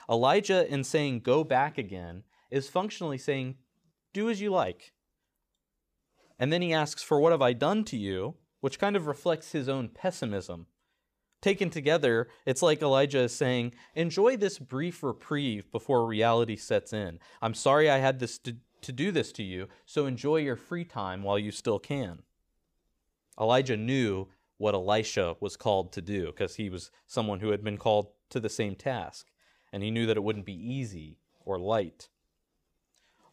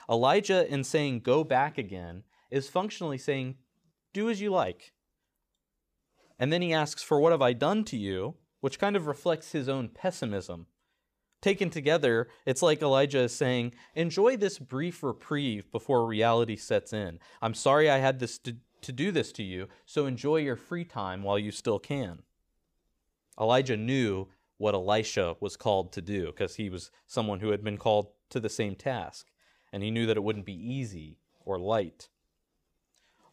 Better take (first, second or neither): neither